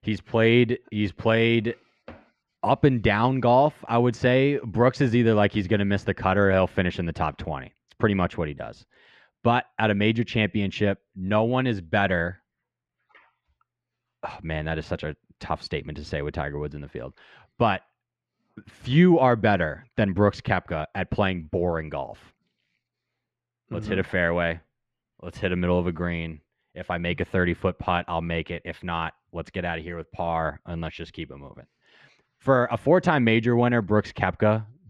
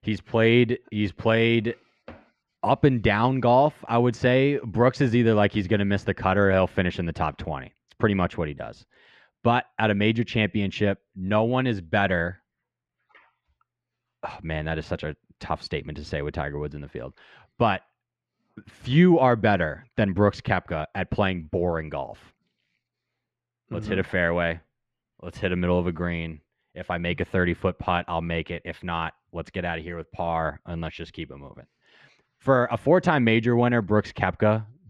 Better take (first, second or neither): neither